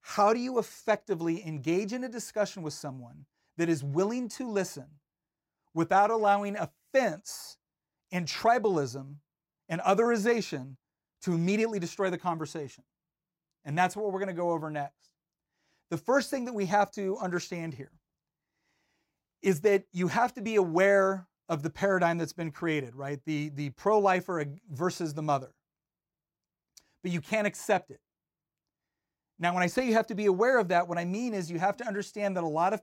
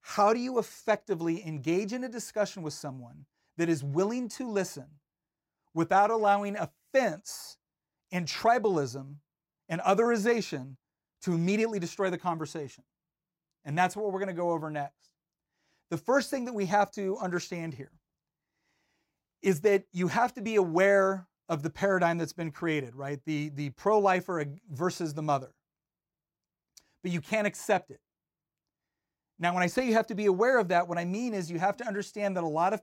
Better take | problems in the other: neither | none

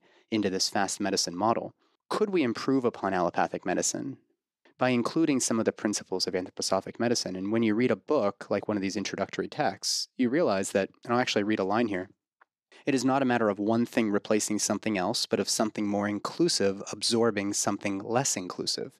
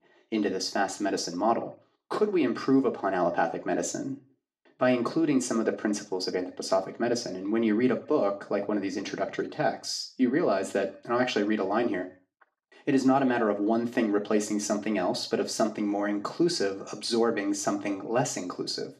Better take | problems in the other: first | room echo; slight; dies away in 0.3 s // off-mic speech; far

